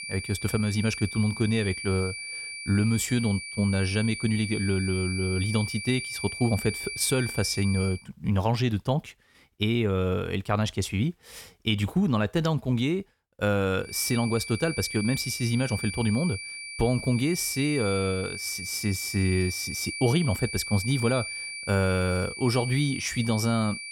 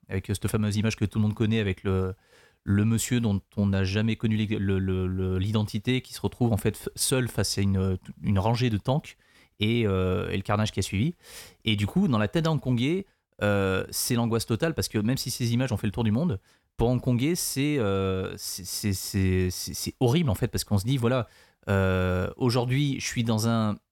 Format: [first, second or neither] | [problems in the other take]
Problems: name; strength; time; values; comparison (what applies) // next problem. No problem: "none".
second | high-pitched whine; loud; until 8 s and from 14 s on; 2.5 kHz, 7 dB below the speech